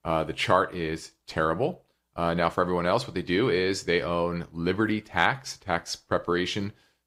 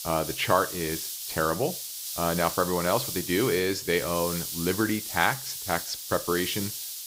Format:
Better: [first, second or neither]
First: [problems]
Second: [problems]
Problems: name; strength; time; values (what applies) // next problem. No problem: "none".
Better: first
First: none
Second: hiss; loud; throughout; 5 dB below the speech